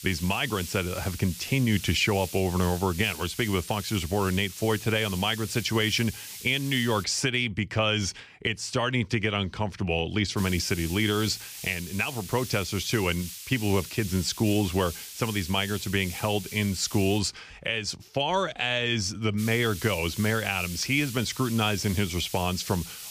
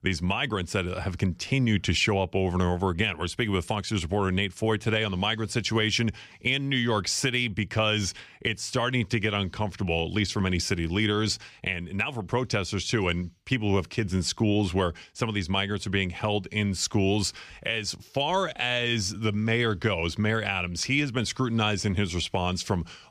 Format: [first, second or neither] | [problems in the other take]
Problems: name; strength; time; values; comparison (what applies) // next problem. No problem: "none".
second | hiss; noticeable; until 7 s, from 10 to 17 s and from 19 s on; 10 dB below the speech